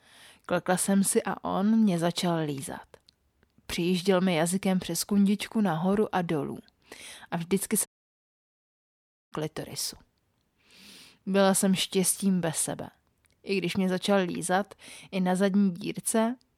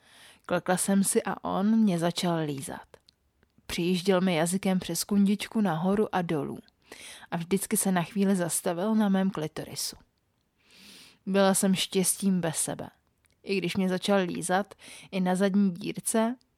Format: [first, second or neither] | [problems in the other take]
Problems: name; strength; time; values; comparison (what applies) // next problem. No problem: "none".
second | audio cutting out; at 8 s for 1.5 s